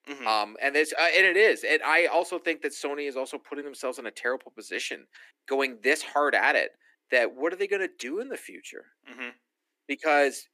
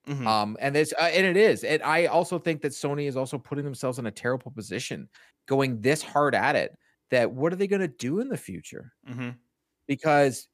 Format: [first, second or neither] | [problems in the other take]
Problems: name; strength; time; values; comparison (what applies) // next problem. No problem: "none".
second | thin; somewhat; fading below 300 Hz